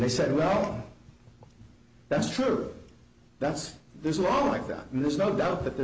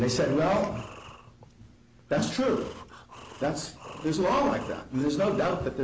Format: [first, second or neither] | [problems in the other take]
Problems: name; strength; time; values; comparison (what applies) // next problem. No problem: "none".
first | background sound (Breathing); 19 dB below the speech